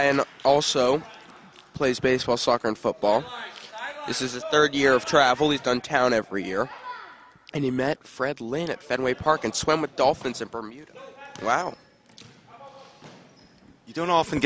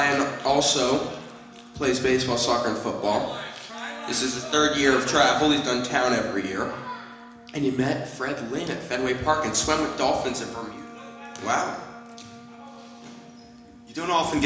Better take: first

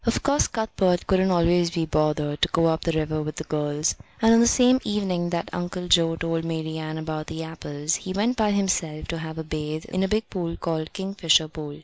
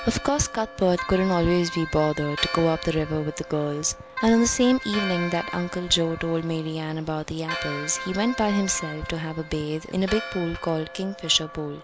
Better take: first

